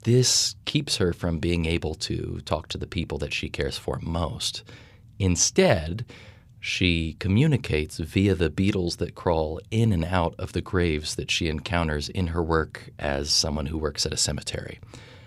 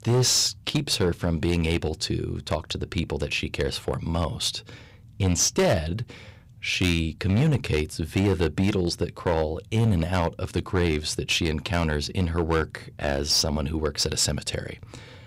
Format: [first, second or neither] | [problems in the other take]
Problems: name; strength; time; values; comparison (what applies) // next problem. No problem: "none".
first | distortion; slight; 5% of the sound clipped